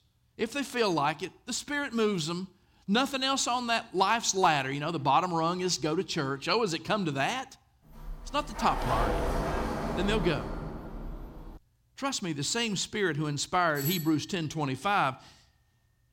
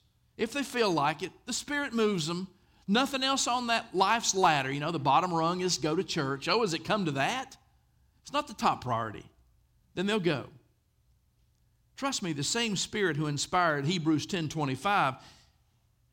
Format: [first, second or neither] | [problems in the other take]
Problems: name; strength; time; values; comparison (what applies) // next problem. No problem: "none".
second | door banging; noticeable; from 8 to 12 s; peak 1 dB below the speech // doorbell; noticeable; at 14 s; peak 6 dB below the speech